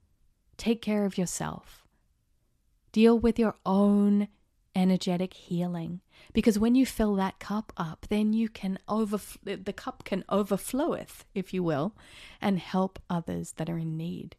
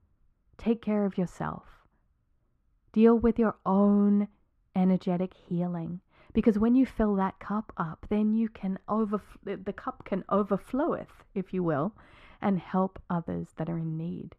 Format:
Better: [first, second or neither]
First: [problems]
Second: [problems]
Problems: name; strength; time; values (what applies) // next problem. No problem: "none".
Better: first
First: none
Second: muffled; very; fading above 3 kHz